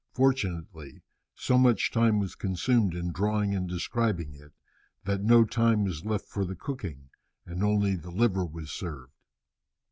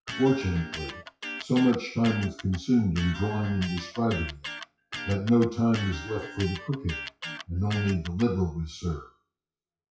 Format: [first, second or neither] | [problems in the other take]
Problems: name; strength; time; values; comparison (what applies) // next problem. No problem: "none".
first | noise reduction (classical method WPE with log-MMSE)